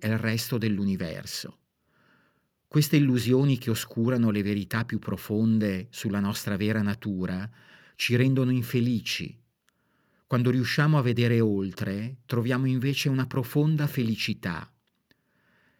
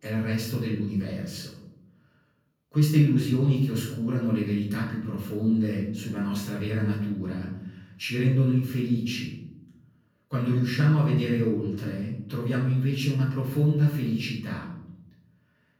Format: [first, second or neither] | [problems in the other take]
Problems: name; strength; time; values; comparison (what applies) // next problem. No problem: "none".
first | off-mic speech; far // room echo; noticeable; dies away in 0.8 s